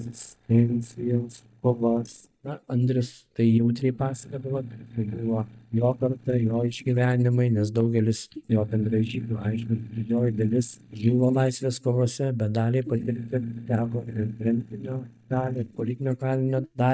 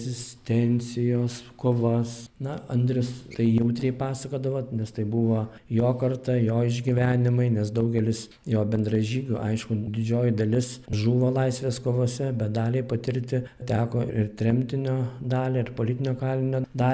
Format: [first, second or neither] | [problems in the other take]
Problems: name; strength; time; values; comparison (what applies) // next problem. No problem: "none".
second | noise reduction (neural mask model DeepFilterNet 3)